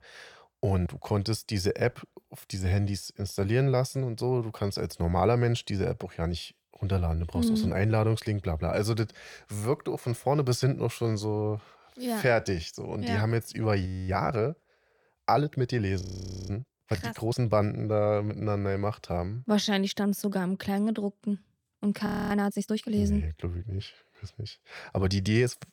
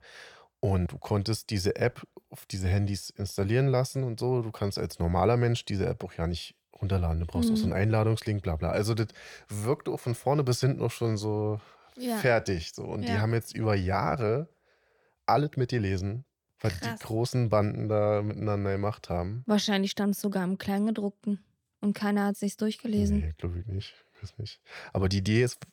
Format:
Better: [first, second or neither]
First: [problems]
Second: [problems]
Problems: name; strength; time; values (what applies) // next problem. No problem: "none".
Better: second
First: audio freezing; at 14 s, at 16 s and at 22 s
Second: none